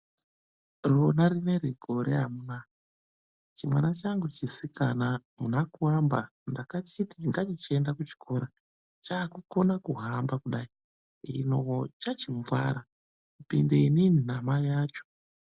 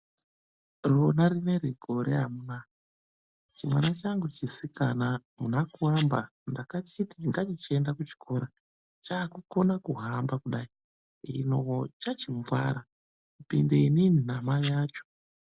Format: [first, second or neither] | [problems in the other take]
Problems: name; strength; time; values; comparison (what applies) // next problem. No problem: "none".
first | background sound (Domestic sounds, home sounds); 14 dB below the speech